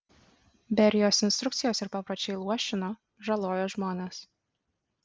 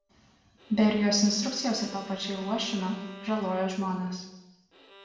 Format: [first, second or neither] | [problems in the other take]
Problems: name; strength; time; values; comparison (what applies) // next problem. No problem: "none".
first | background sound (Bowed string instrument); 20 dB below the speech // room echo; dies away in 0.9 s